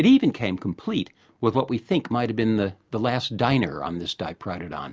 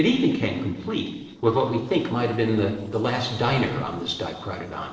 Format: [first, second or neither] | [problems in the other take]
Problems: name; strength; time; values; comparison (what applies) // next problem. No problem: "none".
first | noise reduction (neural separator model SepFormer DNS4)